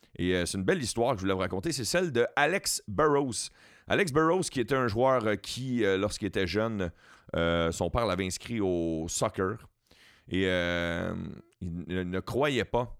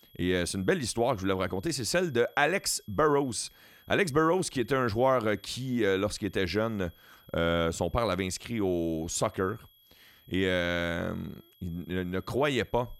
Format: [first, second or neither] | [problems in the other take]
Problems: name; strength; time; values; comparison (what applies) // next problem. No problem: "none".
first | high-pitched whine; faint; throughout; 3.5 kHz, 30 dB below the speech